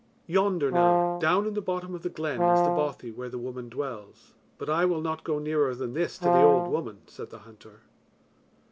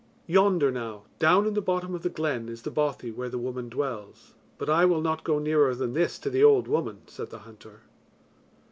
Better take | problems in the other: second | background sound (Brass instrument); 2 dB above the speech

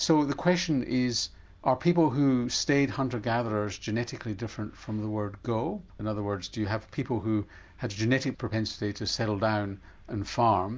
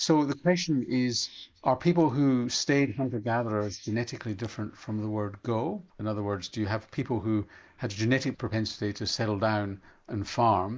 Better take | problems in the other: first | noise reduction (neural mask model Resemble Enhance denoiser)

